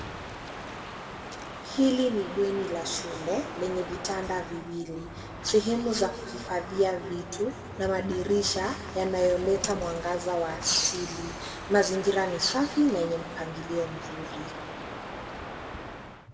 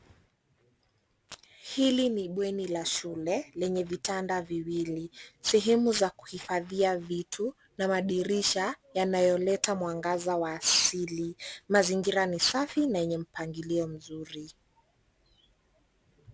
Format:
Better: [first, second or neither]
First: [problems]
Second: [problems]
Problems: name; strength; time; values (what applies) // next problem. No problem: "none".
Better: second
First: background sound (Crow); 10 dB below the speech // room echo; dies away in 1.7 s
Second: none